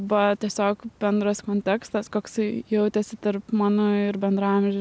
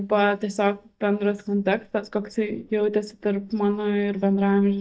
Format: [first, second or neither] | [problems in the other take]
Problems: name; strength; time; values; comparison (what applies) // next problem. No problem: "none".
first | noise reduction (neural mask model DeepFilterNet 3)